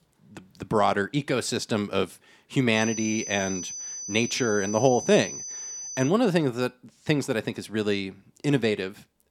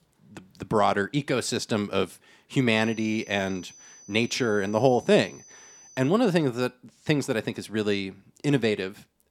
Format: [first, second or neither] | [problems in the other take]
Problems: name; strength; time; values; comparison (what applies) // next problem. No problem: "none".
second | high-pitched whine; loud; from 3 to 6 s; 6 kHz, 8 dB below the speech; faint in the second